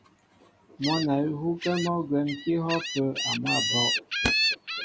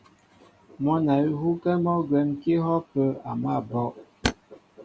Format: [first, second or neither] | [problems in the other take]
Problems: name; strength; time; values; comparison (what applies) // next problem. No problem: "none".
second | background sound (Gull, seagull); 2 dB below the speech